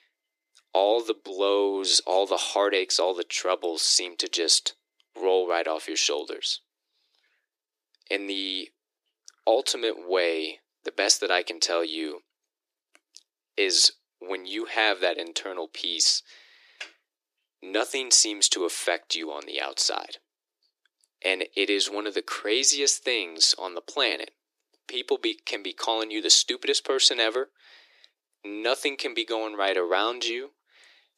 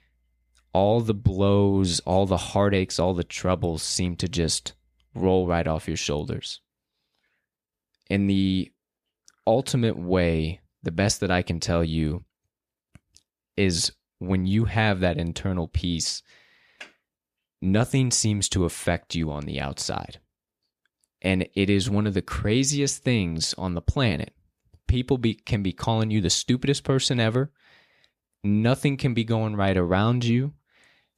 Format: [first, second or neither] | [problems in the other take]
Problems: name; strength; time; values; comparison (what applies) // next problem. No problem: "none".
second | thin; very; fading below 300 Hz